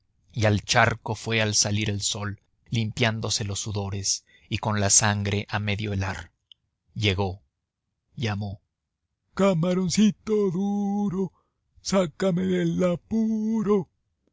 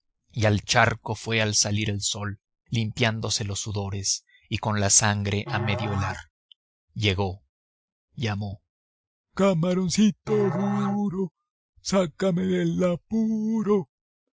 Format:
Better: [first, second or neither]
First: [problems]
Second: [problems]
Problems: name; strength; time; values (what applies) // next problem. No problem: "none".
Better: first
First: none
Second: noise reduction (classical method Wiener filter)